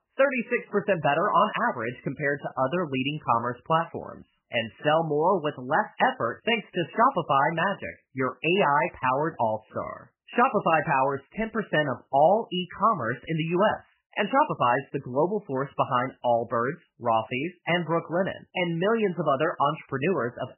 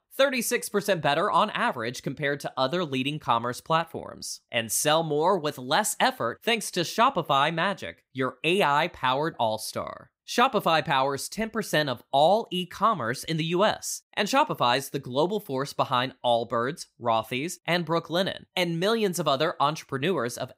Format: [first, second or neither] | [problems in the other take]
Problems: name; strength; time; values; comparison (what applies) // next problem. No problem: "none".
second | garbled, watery; badly; nothing above 3 kHz